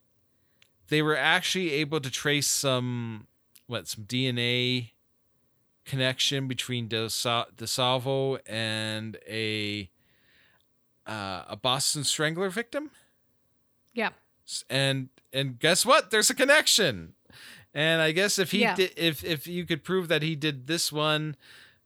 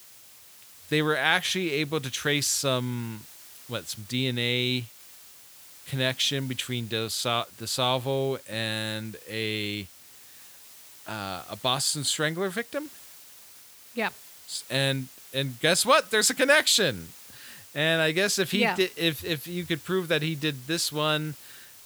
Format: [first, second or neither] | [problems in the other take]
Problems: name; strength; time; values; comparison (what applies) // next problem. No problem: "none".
first | hiss; noticeable; throughout; 20 dB below the speech